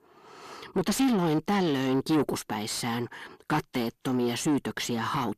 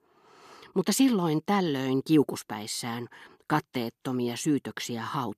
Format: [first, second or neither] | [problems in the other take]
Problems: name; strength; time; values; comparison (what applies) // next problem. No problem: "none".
second | distortion; heavy; 7 dB below the speech